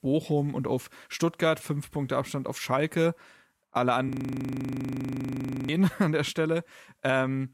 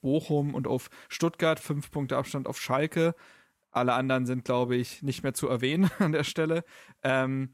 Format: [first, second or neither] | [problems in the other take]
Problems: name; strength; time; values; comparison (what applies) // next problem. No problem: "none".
second | audio freezing; at 4 s for 1.5 s